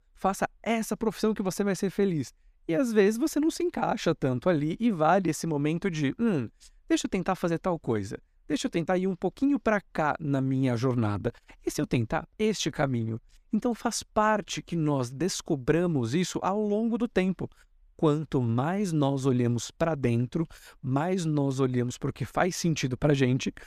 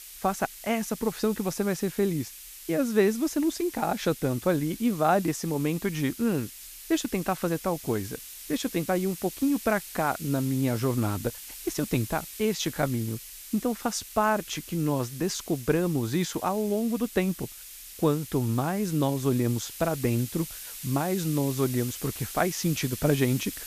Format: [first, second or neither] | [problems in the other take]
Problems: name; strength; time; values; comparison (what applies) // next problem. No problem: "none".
first | hiss; noticeable; throughout; 10 dB below the speech